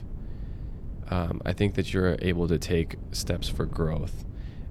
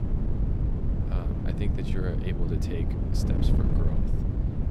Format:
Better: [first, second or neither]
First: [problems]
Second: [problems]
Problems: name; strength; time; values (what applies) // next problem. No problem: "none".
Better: first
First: wind noise on the microphone; occasional gusts; 20 dB below the speech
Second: wind noise on the microphone; heavy; 2 dB above the speech